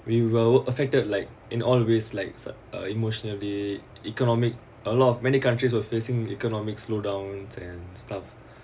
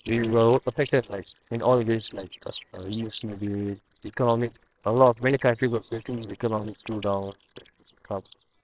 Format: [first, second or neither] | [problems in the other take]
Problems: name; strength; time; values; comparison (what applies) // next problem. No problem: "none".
first | noise reduction (neural separator model SepFormer WHAMR!)